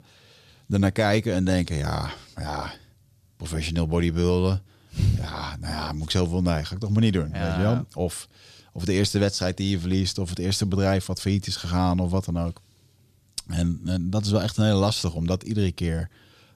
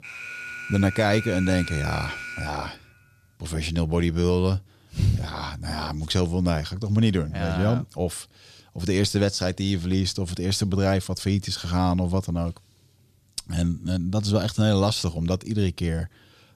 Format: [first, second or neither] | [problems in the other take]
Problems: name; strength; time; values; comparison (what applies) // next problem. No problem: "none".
first | alarm; noticeable; until 3 s; peak 8 dB below the speech